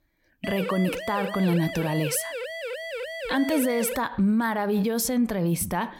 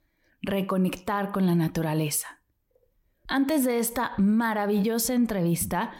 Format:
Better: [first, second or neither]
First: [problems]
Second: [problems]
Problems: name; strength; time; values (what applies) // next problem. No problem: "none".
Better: second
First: siren; noticeable; until 4 s; peak 7 dB below the speech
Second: none